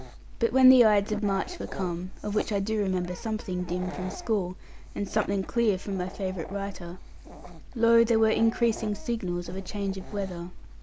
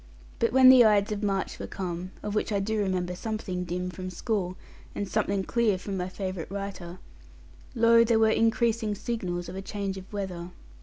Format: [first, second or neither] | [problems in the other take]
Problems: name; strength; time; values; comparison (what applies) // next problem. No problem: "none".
second | background sound (Dog); 14 dB below the speech